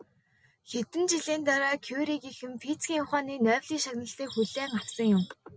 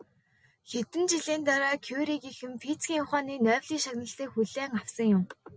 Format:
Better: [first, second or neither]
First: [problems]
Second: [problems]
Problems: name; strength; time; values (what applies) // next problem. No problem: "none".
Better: second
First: background sound (Bird vocalization, bird call, bird song); 15 dB below the speech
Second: none